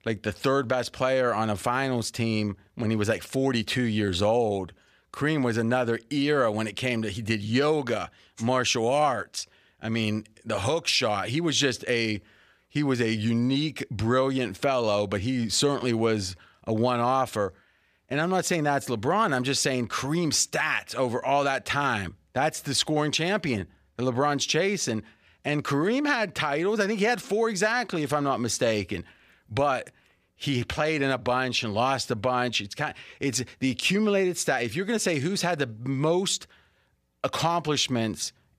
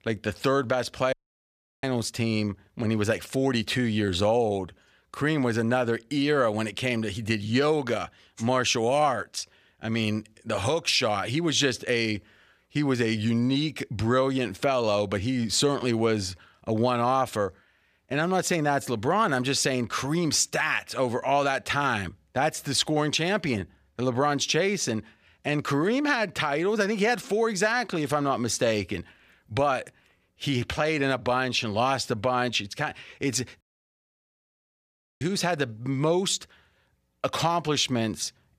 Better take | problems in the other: first | audio cutting out; at 1 s for 0.5 s and at 34 s for 1.5 s

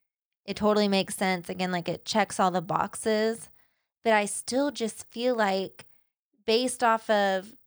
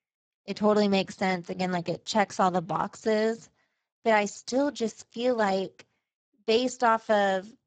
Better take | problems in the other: first | garbled, watery; badly; nothing above 7.5 kHz

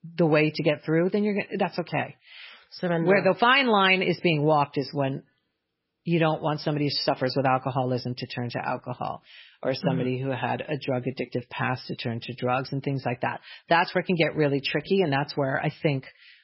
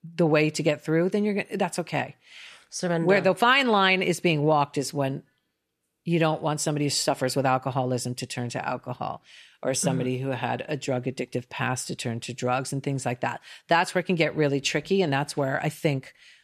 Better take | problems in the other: second | garbled, watery; badly; nothing above 5.5 kHz

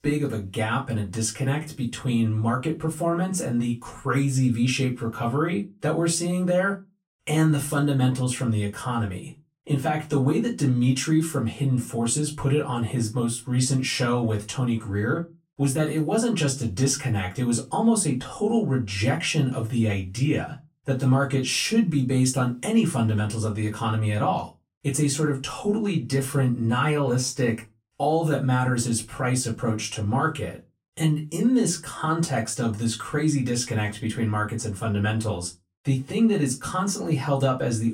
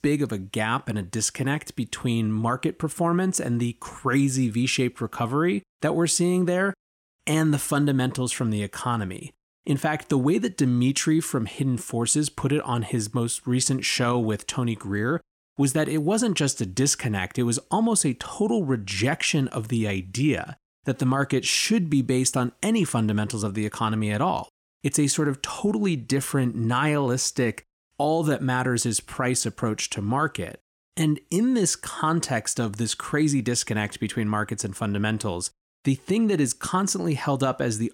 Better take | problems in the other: second | off-mic speech; far // room echo; very slight; dies away in 0.2 s

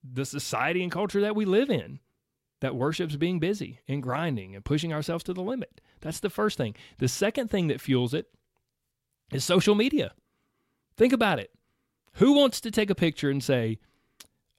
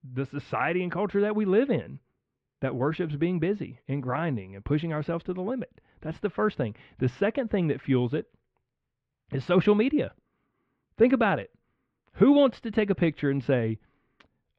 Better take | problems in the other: first | muffled; very; fading above 2.5 kHz

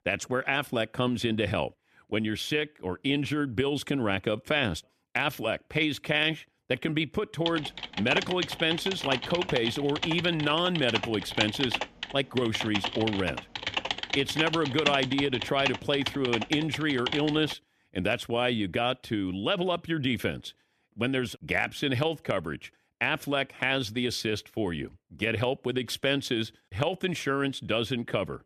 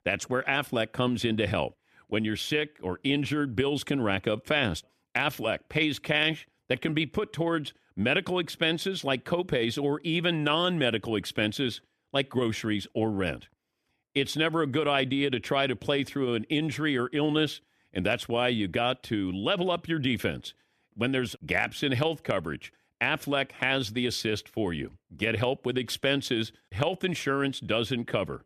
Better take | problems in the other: second | keyboard typing; loud; from 7.5 to 18 s; peak level with the speech

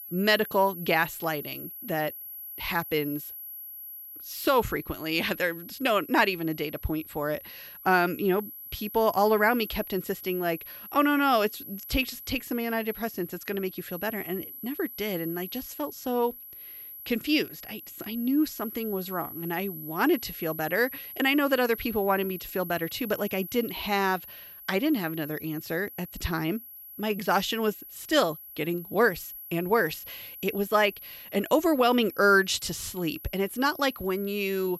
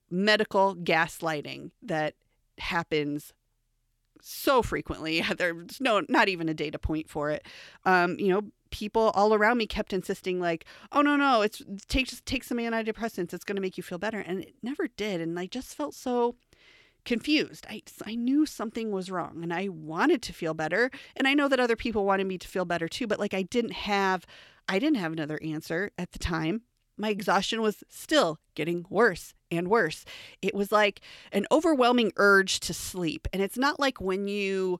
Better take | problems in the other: second | high-pitched whine; noticeable; throughout; 12 kHz, 10 dB below the speech

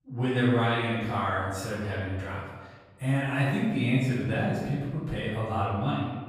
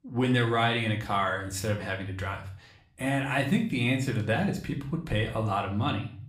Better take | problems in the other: second | room echo; strong; dies away in 1.2 s; slight in the second // off-mic speech; far; somewhat distant in the second

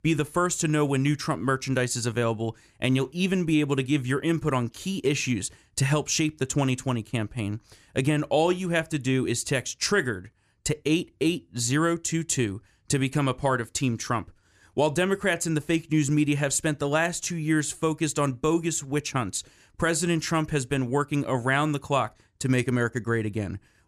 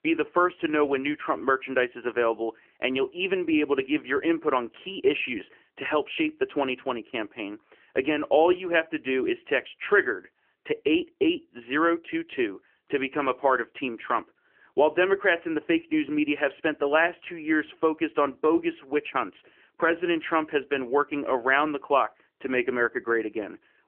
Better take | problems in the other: first | phone-call audio; nothing above 3 kHz

